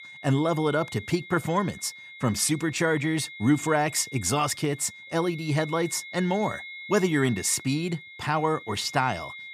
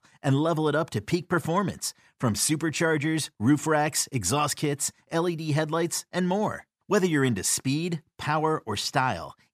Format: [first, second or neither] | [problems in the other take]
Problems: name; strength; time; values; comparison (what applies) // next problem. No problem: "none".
second | high-pitched whine; noticeable; throughout; 2 kHz, 15 dB below the speech